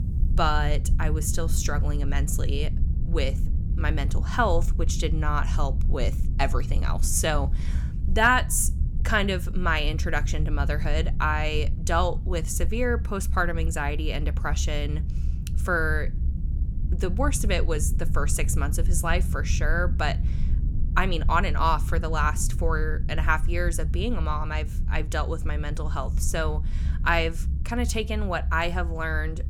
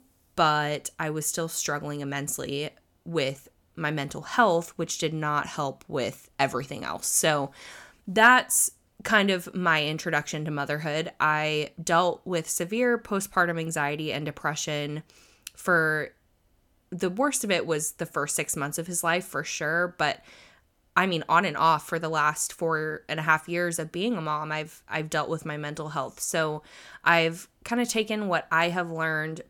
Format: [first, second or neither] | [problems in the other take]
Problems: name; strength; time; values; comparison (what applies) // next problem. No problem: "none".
second | low rumble; noticeable; throughout; 15 dB below the speech